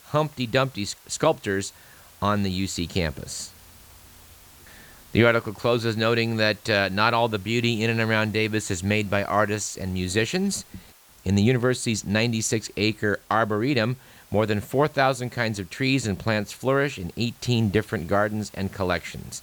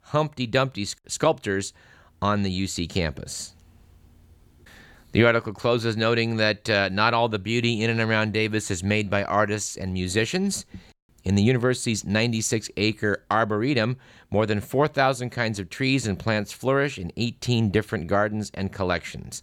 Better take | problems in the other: second | hiss; faint; throughout; 25 dB below the speech

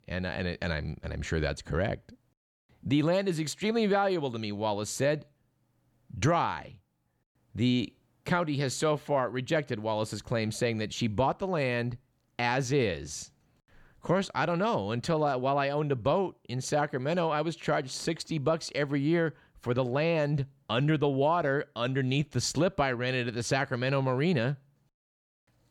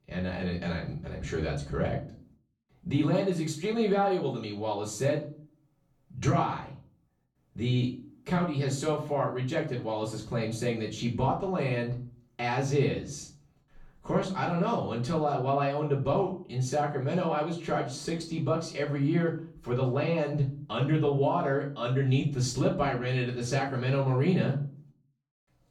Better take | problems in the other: first | off-mic speech; far // room echo; slight; dies away in 0.4 s

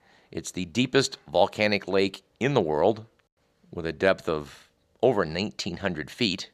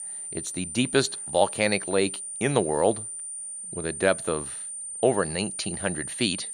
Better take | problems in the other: first | high-pitched whine; loud; throughout; 9 kHz, 6 dB below the speech

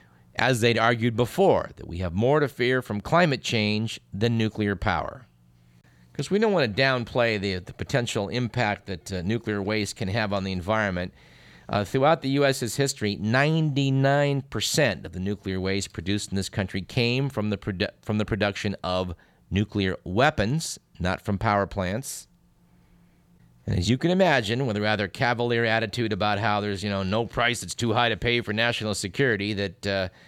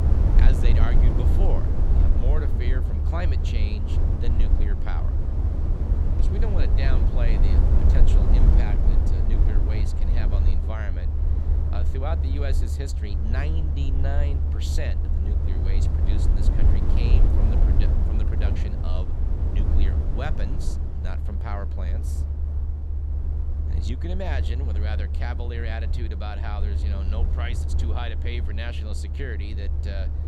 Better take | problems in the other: first | low rumble; loud; throughout; 1 dB below the speech

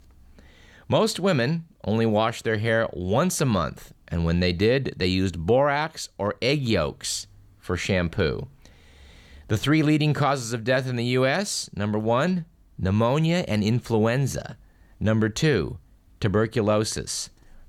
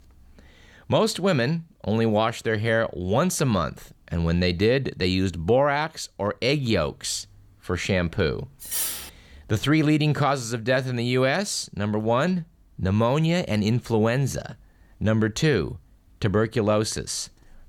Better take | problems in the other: first | clattering dishes; noticeable; at 8.5 s; peak 2 dB below the speech

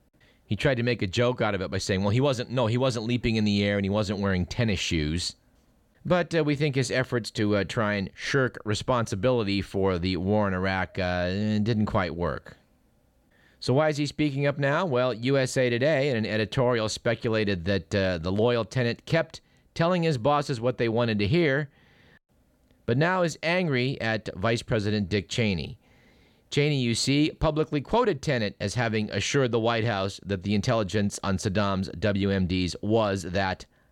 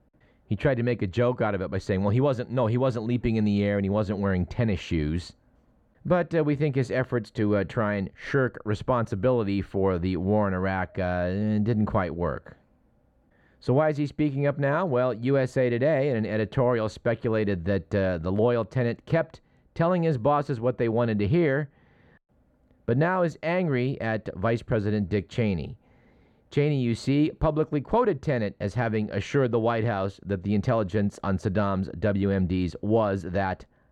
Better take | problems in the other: first | muffled; slightly; fading above 2.5 kHz

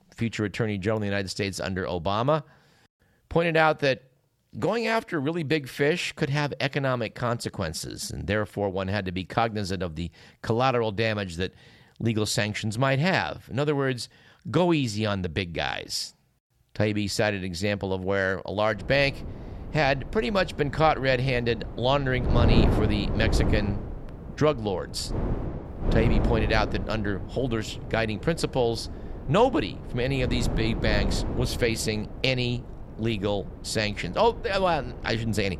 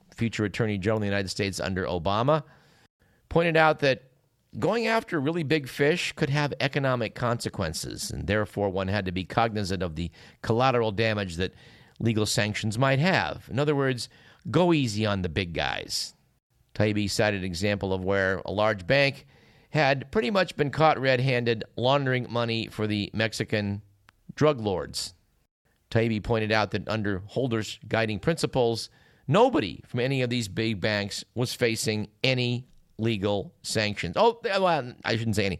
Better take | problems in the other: second | wind noise on the microphone; occasional gusts; from 19 s on; 10 dB below the speech

